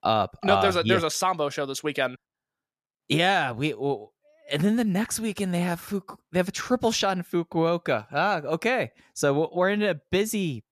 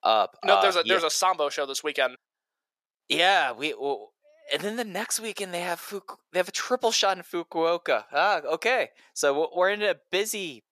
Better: first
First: none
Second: thin; very; fading below 500 Hz

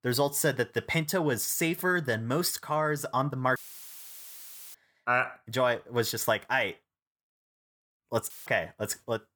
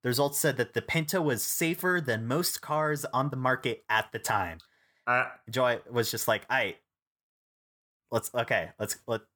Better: second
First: audio cutting out; filled with static; at 3.5 s for 1 s and at 8.5 s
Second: none

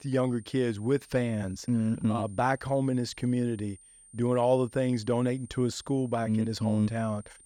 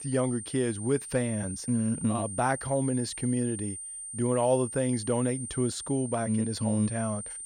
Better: first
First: high-pitched whine; faint; throughout; 9 kHz, 25 dB below the speech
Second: high-pitched whine; loud; throughout; 9 kHz, 8 dB below the speech

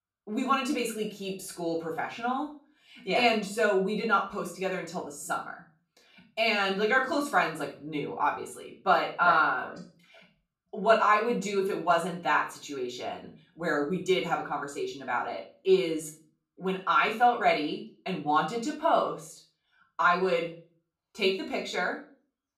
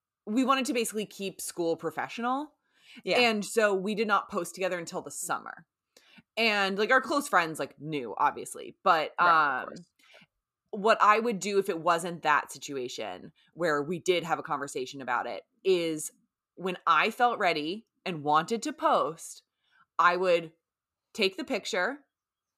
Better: second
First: off-mic speech; far // room echo; slight; dies away in 0.3 s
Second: none

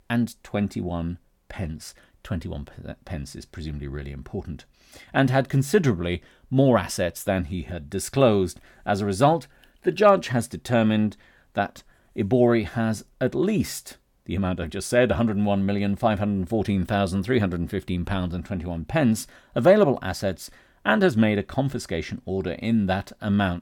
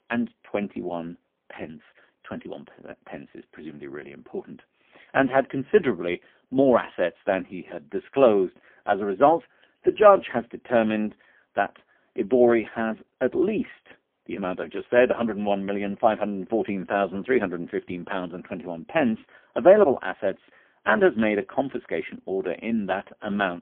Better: first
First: none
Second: phone-call audio; poor line; nothing above 3.5 kHz

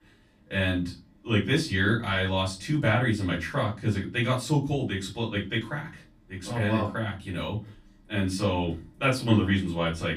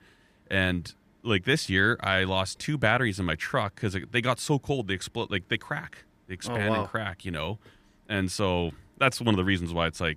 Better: second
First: off-mic speech; far // room echo; very slight; dies away in 0.3 s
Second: none

